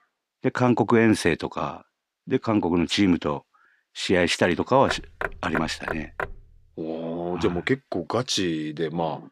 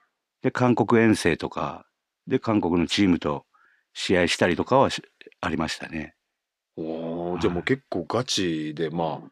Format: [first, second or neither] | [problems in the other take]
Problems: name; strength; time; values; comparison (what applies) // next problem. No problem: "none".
second | door banging; noticeable; from 5 to 6.5 s; peak 6 dB below the speech